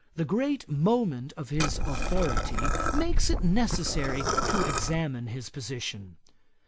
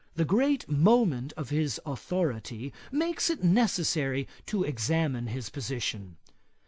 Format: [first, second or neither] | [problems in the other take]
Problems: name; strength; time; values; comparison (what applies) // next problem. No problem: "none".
second | background sound (Liquid); 4 dB above the speech